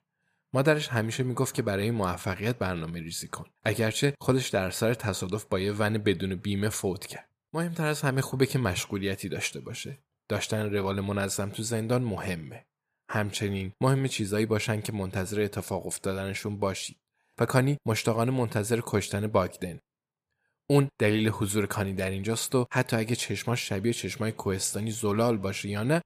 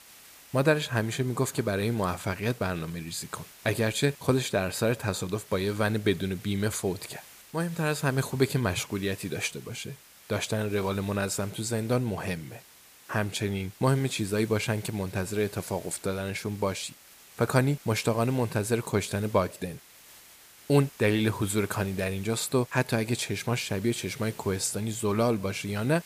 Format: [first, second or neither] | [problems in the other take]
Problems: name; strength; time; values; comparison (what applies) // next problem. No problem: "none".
first | hiss; faint; throughout; 20 dB below the speech